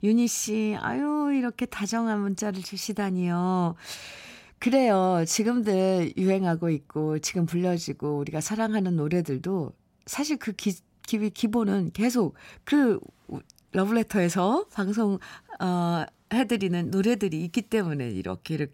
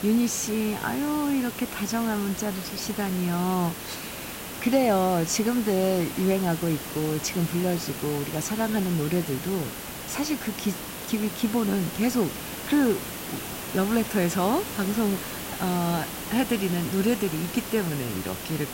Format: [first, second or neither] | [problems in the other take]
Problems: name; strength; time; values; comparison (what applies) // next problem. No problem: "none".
first | hiss; loud; throughout; 7 dB below the speech